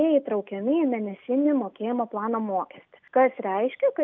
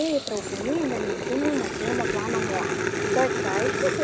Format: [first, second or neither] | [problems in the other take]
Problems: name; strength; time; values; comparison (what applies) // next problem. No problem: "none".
first | background sound (Growling); 1 dB above the speech